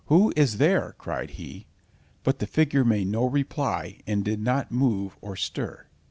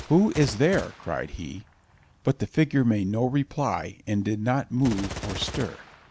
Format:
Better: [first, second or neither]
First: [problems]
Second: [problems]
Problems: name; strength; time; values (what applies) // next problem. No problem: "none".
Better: first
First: none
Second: background sound (Gunshot, gunfire); 15 dB below the speech